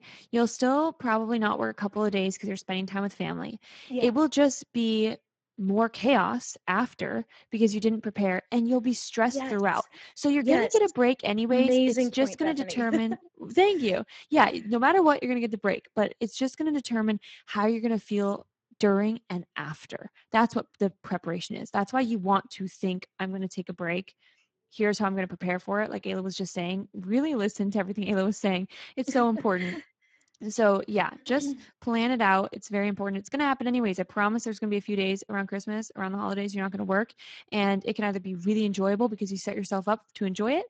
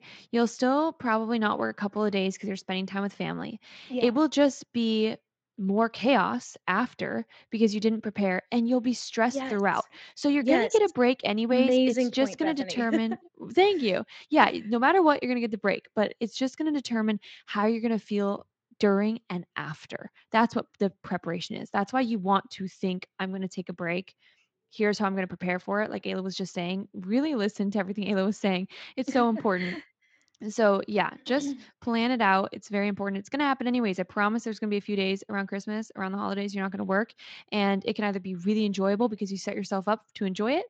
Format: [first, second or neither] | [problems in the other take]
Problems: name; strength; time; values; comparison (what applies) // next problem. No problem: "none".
second | garbled, watery; badly; nothing above 7.5 kHz; slightly in the second